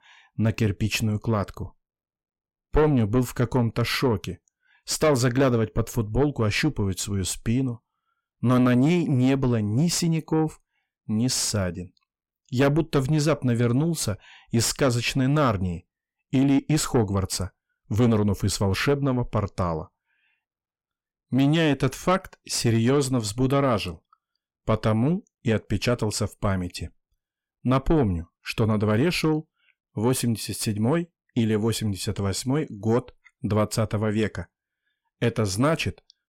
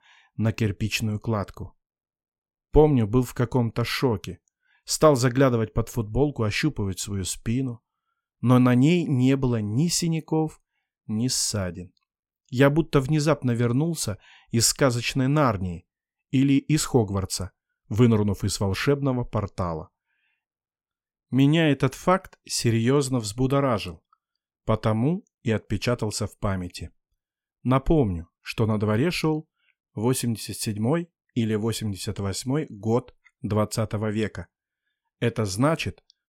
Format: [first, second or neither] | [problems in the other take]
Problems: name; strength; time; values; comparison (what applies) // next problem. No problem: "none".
second | distortion; slight; 10 dB below the speech